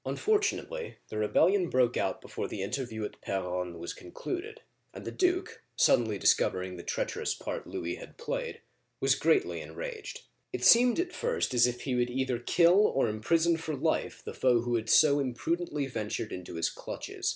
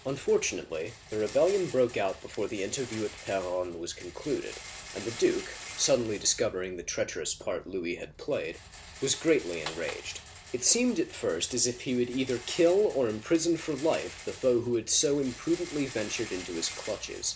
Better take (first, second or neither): first